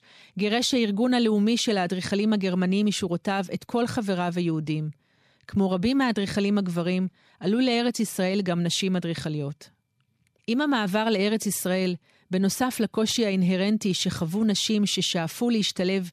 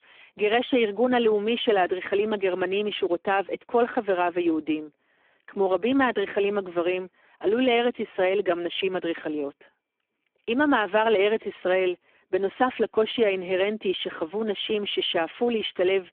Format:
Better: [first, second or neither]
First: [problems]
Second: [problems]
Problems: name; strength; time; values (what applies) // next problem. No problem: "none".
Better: first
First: none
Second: phone-call audio; poor line; nothing above 3.5 kHz